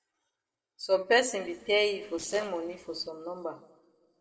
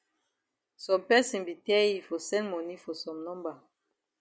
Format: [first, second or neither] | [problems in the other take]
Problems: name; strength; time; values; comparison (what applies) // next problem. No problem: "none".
second | noise reduction (neural separator model SepFormer DNS4)